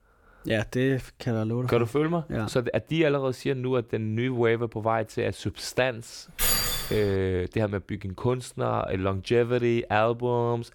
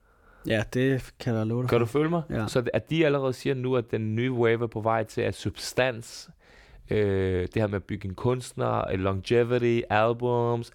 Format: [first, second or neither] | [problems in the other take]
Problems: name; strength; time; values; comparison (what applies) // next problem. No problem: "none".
second | jangling keys; loud; at 6.5 s; peak 4 dB above the speech